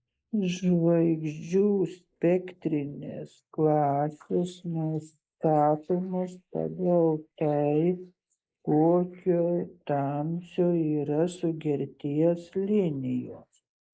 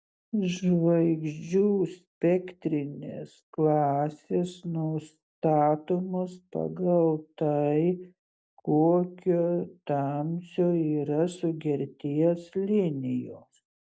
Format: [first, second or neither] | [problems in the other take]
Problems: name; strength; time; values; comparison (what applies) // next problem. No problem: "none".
second | noise reduction (neural mask model Resemble Enhance denoiser)